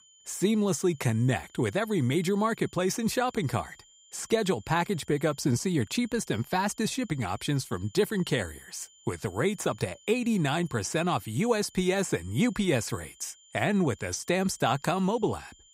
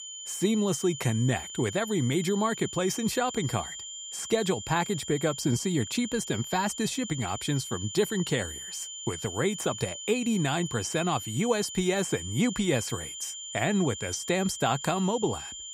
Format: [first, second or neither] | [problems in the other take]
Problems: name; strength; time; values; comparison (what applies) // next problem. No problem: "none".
first | high-pitched whine; loud; throughout; 3 kHz, 8 dB below the speech; faint in the first